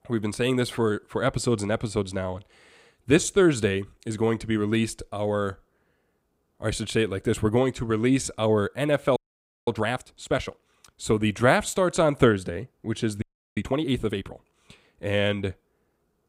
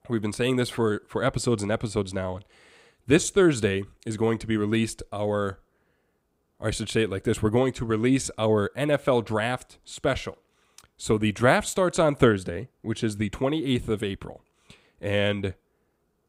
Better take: second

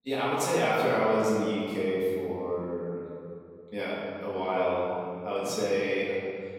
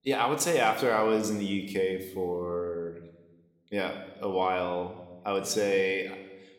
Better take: second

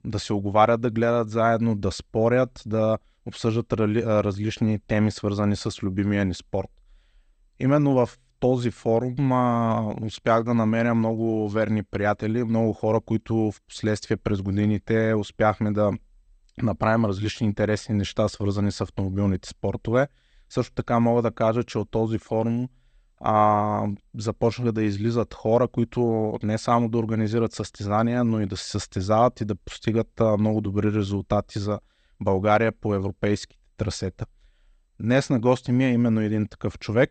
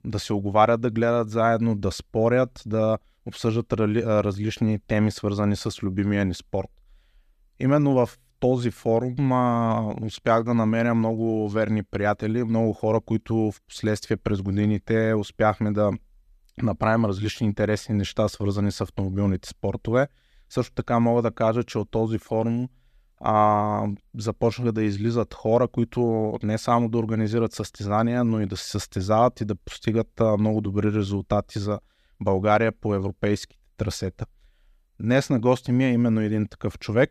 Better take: second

